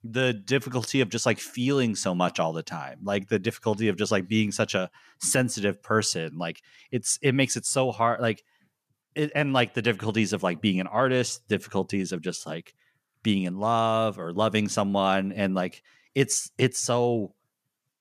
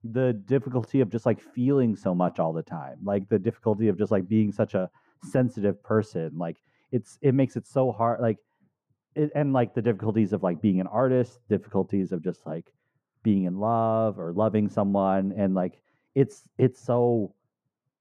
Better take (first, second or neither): first